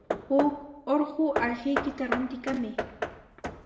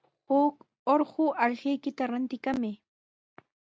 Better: second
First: background sound (Hammer / Wood); 5 dB below the speech // room echo; dies away in 0.8 s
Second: none

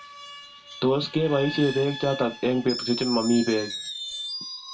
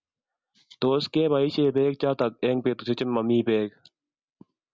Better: second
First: background sound (Screech); 10 dB below the speech // room echo; dies away in 0.2 s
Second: none

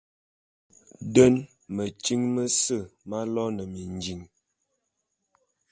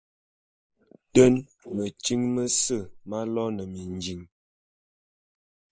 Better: first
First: none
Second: noise reduction (neural mask model Resemble Enhance denoiser)

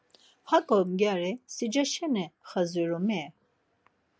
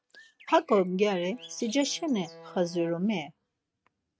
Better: first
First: none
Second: noise reduction (neural mask model RNNoise)

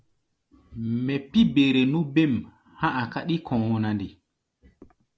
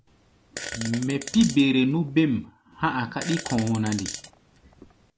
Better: first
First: none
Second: background sound (Fart); 13 dB below the speech

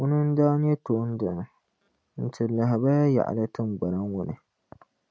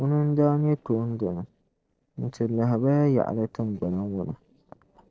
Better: first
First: none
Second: noise reduction (neural separator model SepFormer DNS4)

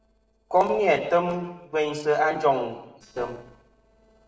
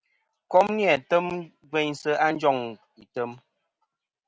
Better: second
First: noise reduction (neural separator model SepFormer DNS4)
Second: none

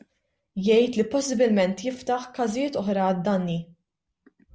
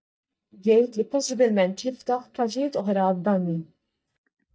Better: first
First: none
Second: noise reduction (neural mask model DeepFilterNet 3)

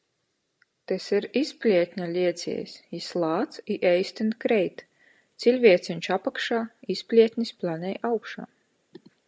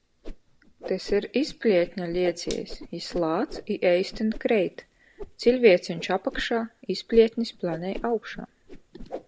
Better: first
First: none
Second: background sound (Whoosh, swoosh, swish); 15 dB below the speech

